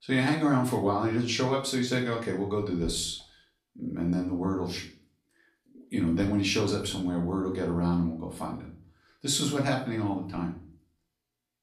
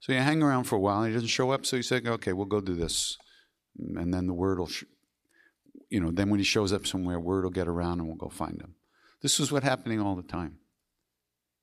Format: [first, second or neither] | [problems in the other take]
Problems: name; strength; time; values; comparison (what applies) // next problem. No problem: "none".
second | room echo; slight; dies away in 0.4 s // off-mic speech; far